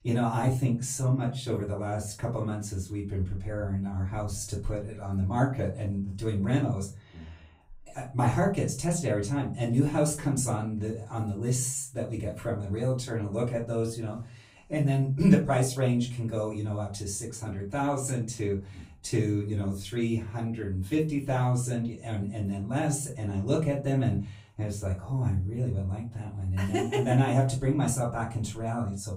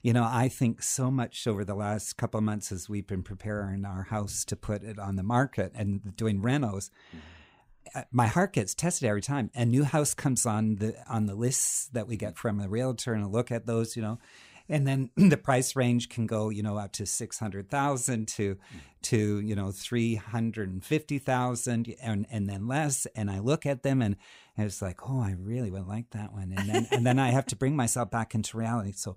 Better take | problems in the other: second | off-mic speech; far // room echo; slight; dies away in 0.4 s

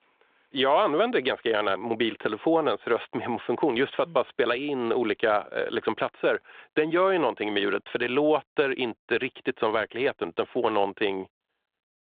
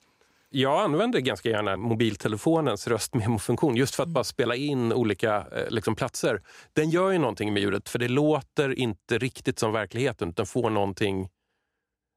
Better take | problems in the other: second | phone-call audio; nothing above 3.5 kHz

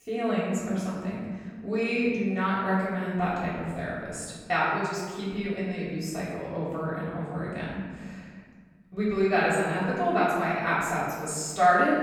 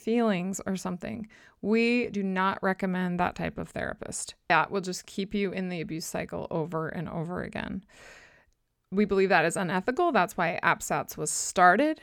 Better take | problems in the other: second | off-mic speech; far // room echo; strong; dies away in 1.5 s

